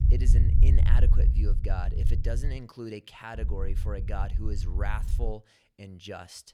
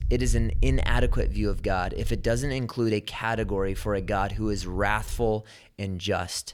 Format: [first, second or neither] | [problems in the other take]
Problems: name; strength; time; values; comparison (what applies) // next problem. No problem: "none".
second | low rumble; loud; until 2.5 s and from 3.5 to 5.5 s; 5 dB below the speech; faint in the second